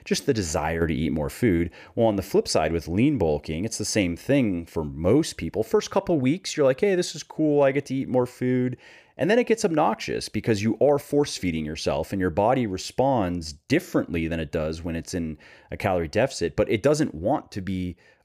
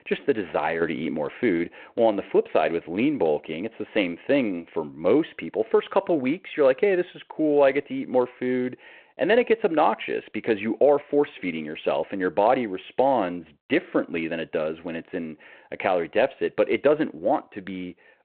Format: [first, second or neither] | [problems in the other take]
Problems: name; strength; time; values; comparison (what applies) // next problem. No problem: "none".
first | phone-call audio